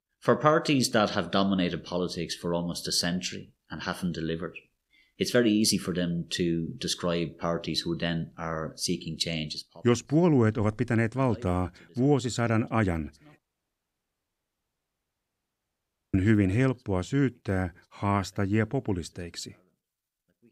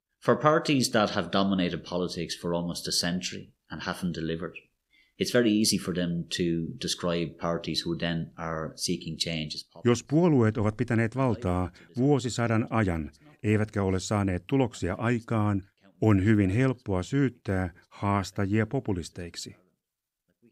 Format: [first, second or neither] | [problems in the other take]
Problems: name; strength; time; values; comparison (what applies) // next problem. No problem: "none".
second | audio cutting out; at 13 s for 3 s